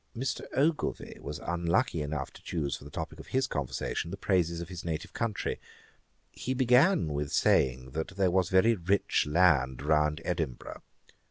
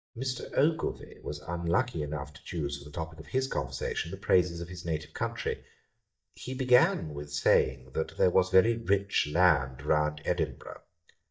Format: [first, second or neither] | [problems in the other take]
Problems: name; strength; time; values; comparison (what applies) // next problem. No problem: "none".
first | noise reduction (neural mask model DeepFilterNet 3)